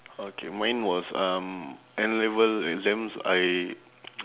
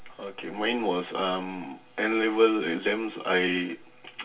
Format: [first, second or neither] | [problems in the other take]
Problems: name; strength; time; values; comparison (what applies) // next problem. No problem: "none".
first | room echo; dies away in 0.2 s